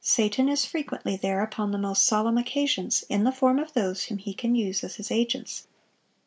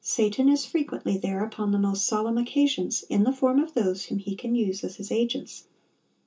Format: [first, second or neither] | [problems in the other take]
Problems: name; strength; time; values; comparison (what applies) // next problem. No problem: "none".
first | room echo; dies away in 0.2 s